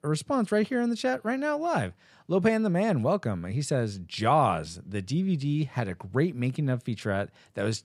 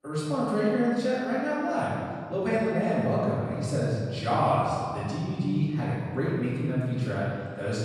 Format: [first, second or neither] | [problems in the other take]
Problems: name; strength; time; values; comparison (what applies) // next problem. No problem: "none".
first | off-mic speech; far // room echo; strong; dies away in 1.9 s